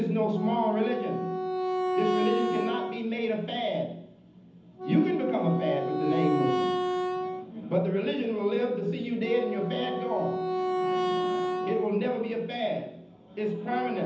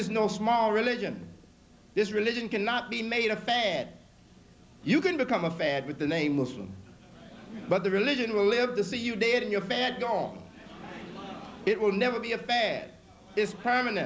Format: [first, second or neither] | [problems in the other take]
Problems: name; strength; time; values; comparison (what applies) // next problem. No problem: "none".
second | background sound (Wind instrument, woodwind instrument); 3 dB below the speech // room echo; dies away in 0.8 s